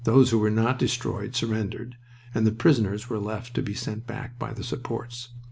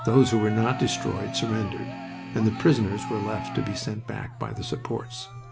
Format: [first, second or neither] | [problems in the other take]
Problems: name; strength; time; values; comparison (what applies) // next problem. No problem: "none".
first | background sound (Cheering + Organ); 11 dB below the speech